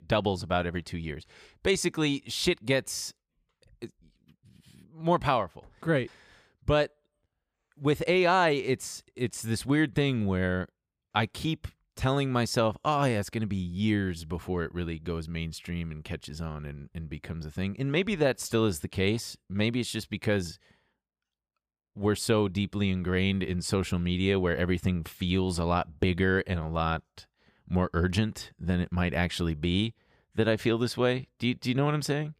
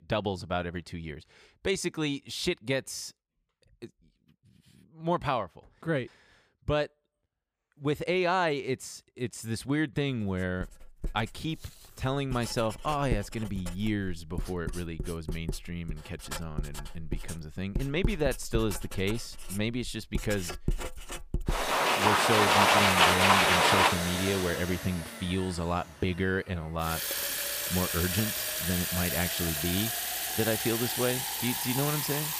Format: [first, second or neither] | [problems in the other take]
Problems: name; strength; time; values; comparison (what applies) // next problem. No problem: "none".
first | household noises; very loud; from 11 s on; 4 dB above the speech